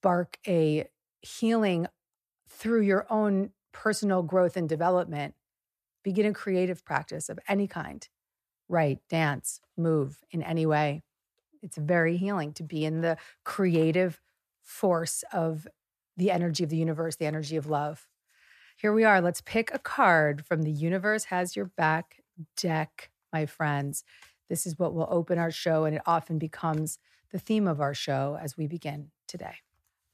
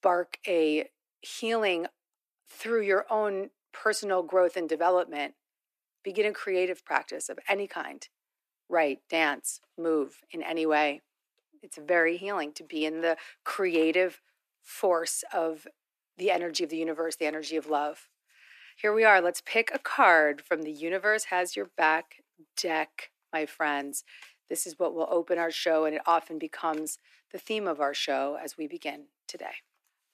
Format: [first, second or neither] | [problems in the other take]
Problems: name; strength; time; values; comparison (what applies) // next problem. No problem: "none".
first | thin; very; fading below 300 Hz